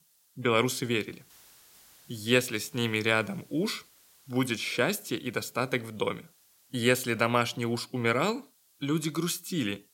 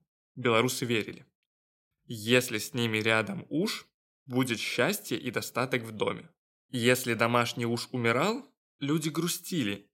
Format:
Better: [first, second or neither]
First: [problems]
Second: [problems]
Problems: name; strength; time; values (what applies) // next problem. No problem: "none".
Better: second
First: hiss; faint; throughout; 30 dB below the speech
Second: none